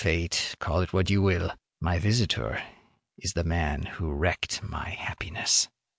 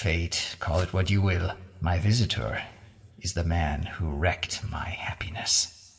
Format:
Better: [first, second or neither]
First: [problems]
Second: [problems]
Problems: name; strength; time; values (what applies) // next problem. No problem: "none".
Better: first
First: none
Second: background sound (Walk, footsteps); 18 dB below the speech // room echo; dies away in 3 s